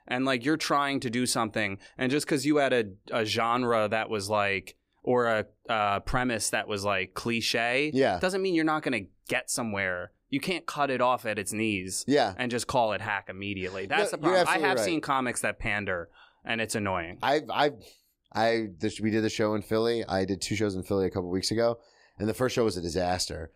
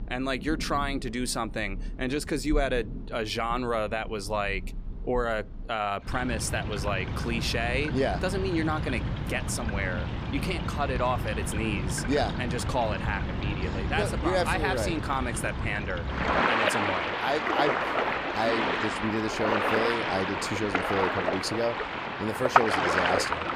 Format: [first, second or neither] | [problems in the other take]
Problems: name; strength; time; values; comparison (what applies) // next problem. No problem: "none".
first | rain or running water; very loud; throughout; 1 dB above the speech